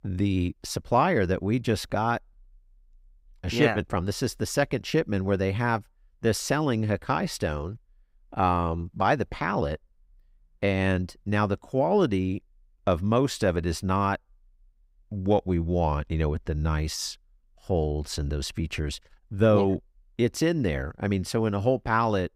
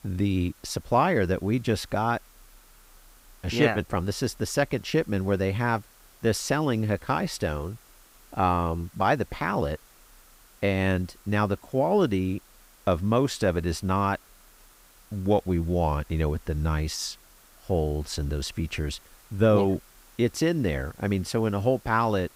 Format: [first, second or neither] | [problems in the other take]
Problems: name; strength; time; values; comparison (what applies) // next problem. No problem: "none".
first | hiss; faint; throughout; 25 dB below the speech